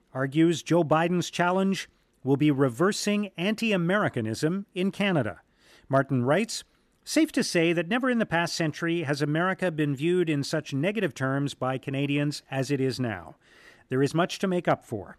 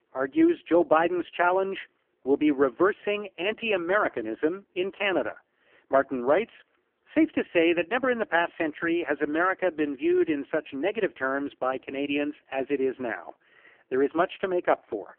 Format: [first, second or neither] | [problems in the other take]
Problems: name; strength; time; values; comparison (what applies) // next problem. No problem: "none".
first | phone-call audio; poor line; nothing above 3 kHz